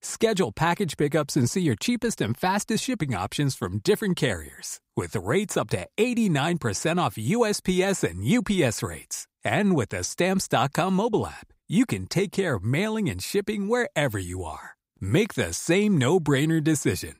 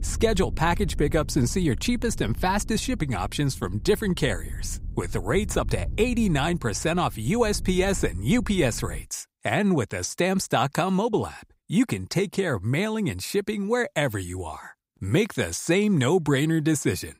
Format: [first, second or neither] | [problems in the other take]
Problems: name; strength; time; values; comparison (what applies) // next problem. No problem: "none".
first | wind noise on the microphone; occasional gusts; until 9 s; 25 dB below the speech